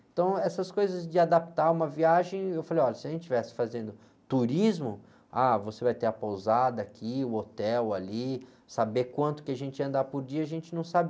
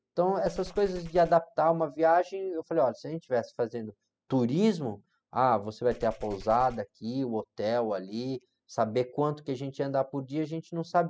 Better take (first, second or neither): first